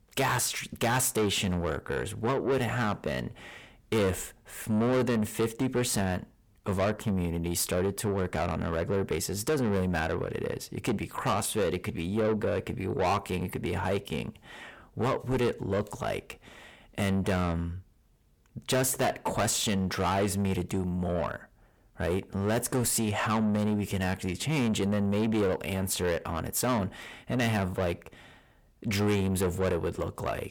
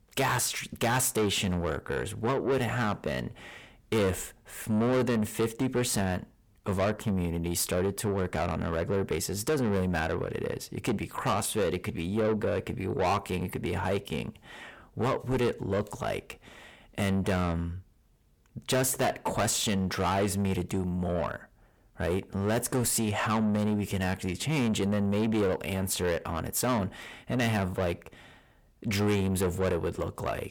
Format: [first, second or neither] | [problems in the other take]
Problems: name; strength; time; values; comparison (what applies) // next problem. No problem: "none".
neither | distortion; heavy; 7 dB below the speech; the same in both